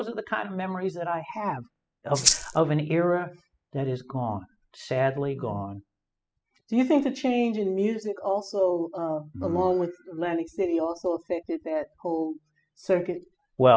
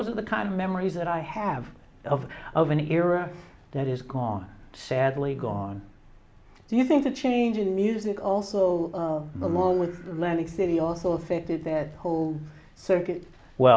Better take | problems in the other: second | noise reduction (classical method spectral subtraction)

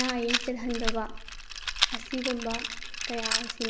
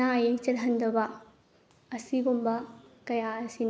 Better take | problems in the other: second | background sound (Rattle); 2 dB above the speech

